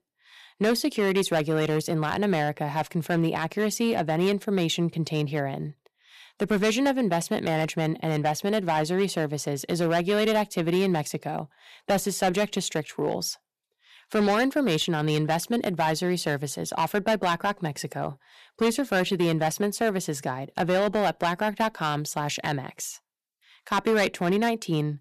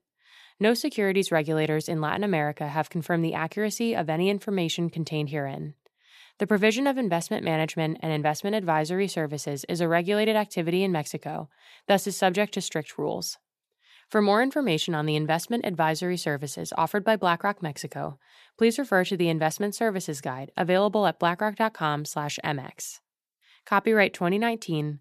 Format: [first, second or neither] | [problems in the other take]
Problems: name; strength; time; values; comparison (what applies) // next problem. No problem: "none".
second | distortion; slight; 6% of the sound clipped